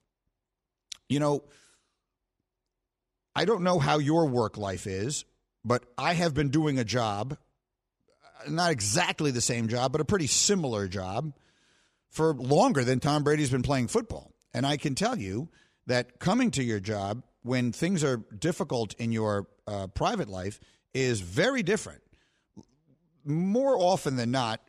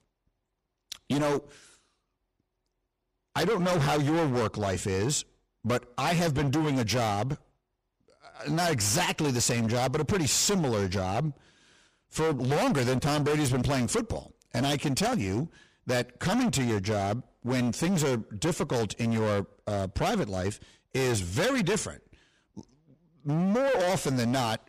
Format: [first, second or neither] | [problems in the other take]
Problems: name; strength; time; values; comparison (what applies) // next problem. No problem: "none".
first | distortion; heavy; 20% of the sound clipped